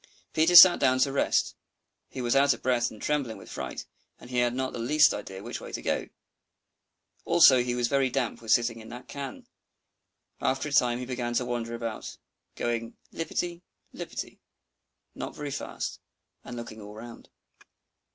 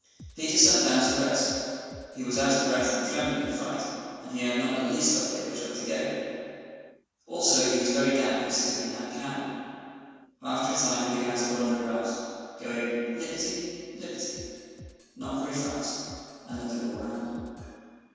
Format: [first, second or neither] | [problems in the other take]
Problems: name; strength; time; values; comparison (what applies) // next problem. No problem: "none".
first | background sound (Drum kit); 19 dB below the speech // room echo; dies away in 2.1 s